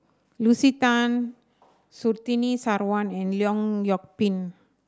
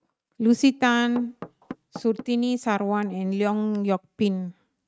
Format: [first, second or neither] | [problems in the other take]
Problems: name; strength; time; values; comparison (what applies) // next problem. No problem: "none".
first | noise reduction (neural mask model RNNoise)